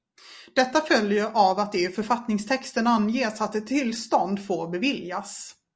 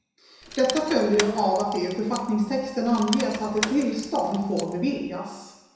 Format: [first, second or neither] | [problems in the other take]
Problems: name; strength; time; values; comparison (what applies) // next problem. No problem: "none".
first | background sound (Rattle / Keys jangling); 11 dB below the speech // room echo; dies away in 1 s